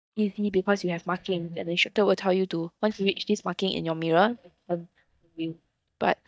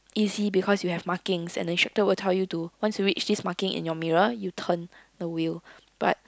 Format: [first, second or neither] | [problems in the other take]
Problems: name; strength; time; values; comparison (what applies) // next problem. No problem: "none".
second | noise reduction (neural mask model DeepFilterNet 3)